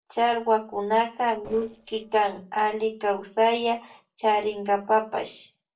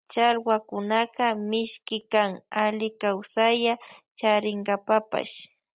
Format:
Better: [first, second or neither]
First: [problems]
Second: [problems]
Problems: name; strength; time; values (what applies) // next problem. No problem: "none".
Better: second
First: noise reduction (neural separator model SepFormer DNS4)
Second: none